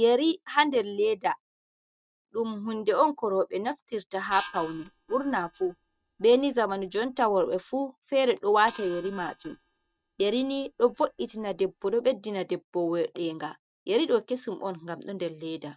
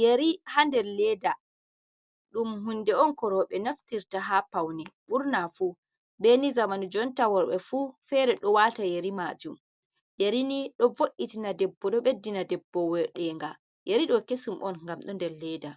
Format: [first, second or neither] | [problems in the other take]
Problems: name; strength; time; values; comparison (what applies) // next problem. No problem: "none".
second | noise reduction (neural mask model RNNoise)